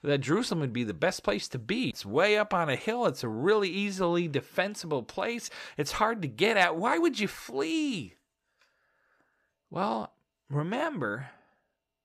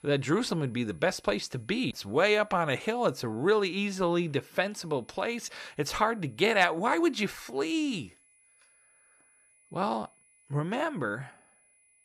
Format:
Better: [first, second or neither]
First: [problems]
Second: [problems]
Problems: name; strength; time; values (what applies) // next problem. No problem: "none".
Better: first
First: none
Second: high-pitched whine; faint; throughout; 10 kHz, 35 dB below the speech